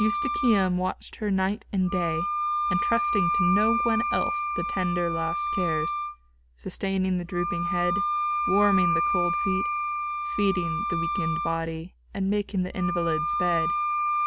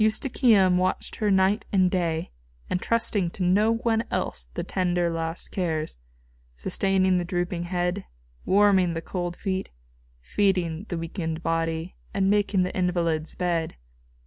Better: second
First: background sound (Wind instrument, woodwind instrument); as loud as the speech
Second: none

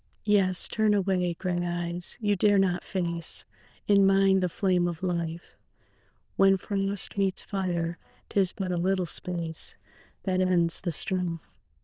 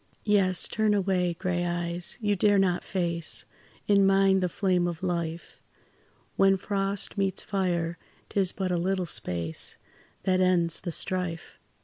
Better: second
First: noise reduction (neural diffusion model UNIVERSE++)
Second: none

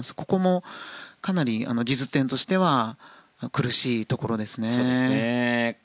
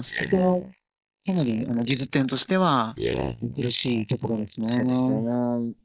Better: first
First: none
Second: noise reduction (neural mask model Resemble Enhance denoiser)

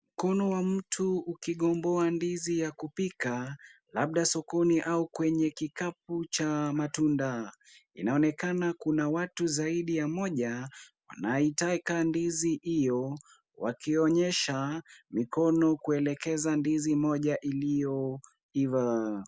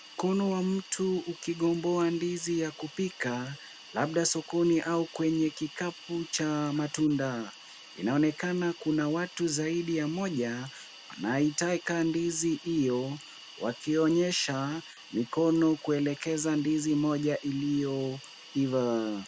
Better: first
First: none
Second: background sound (Hiss); 19 dB below the speech

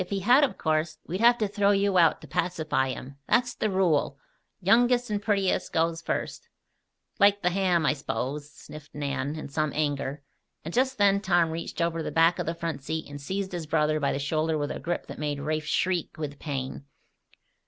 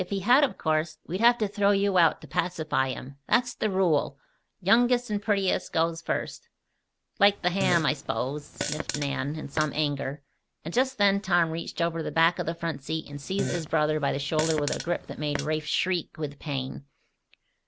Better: first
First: none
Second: background sound (Fart); 9 dB below the speech

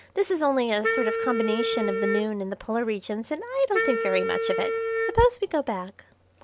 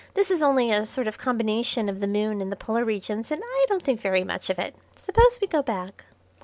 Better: second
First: background sound (Wind instrument, woodwind instrument); 2 dB below the speech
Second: none

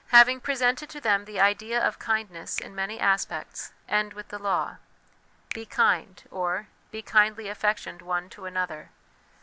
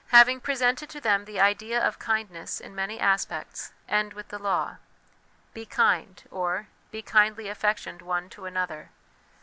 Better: second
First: background sound (Finger snapping); 20 dB below the speech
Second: none

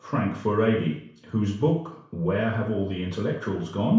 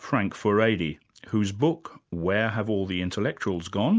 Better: second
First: room echo; dies away in 0.6 s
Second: none

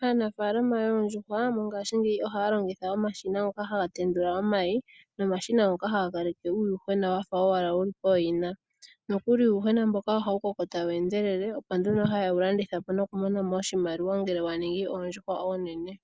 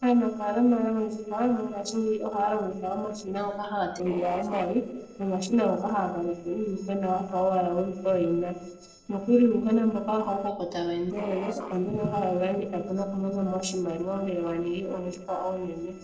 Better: first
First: none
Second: noise reduction (neural separator model SepFormer DNS4)

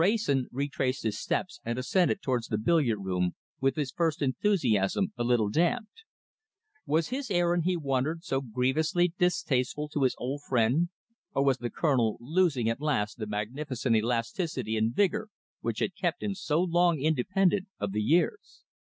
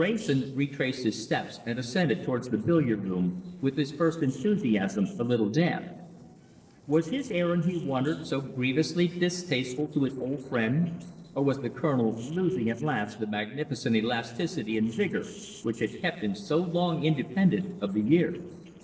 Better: first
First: none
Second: noise reduction (neural separator model SepFormer DNS4)

